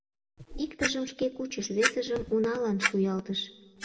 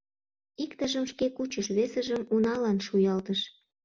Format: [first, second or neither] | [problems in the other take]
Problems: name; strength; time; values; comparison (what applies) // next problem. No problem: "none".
second | background sound (Clock); 6 dB below the speech // room echo; dies away in 1.9 s